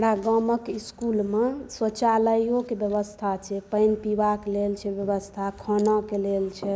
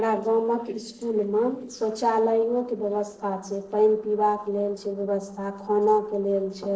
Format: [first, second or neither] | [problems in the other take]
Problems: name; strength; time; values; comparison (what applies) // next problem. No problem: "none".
first | noise reduction (neural separator model SepFormer DNS4)